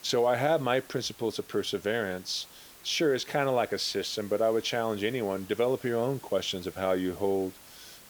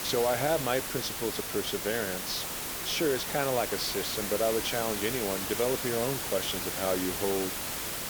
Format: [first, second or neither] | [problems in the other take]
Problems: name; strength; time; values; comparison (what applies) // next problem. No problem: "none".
first | hiss; loud; throughout; 1 dB below the speech; faint in the first